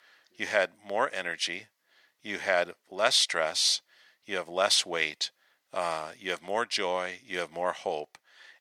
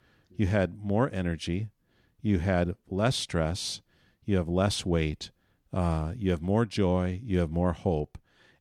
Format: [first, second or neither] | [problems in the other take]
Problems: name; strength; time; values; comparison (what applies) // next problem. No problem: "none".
second | thin; very; fading below 850 Hz